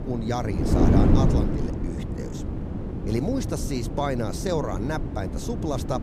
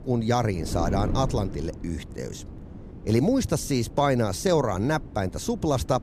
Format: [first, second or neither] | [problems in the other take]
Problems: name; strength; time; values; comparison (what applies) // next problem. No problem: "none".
second | wind noise on the microphone; heavy; 2 dB below the speech; occasional gusts in the second